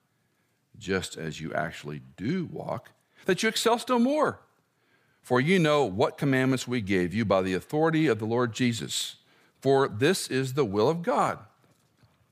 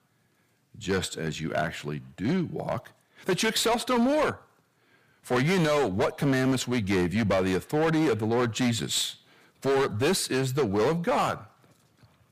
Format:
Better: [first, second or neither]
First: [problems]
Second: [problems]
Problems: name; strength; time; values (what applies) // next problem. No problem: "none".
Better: first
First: none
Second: distortion; heavy; 12% of the sound clipped